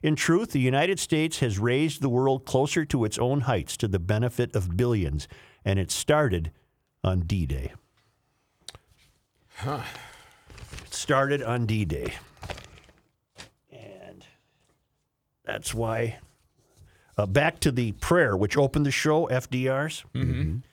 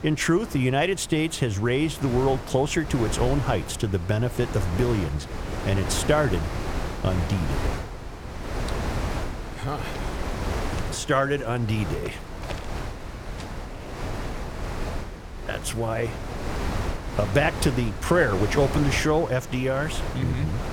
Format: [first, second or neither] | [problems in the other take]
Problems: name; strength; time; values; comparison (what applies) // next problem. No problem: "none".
first | wind noise on the microphone; heavy; 8 dB below the speech